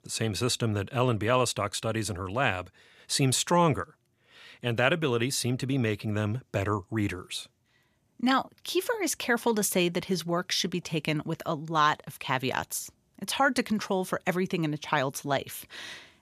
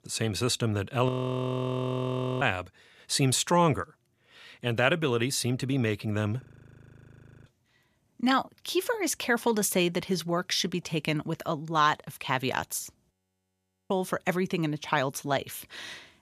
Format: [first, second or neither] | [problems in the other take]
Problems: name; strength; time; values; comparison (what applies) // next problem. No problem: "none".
first | audio freezing; at 1 s for 1.5 s, at 6.5 s for 1 s and at 13 s for 1 s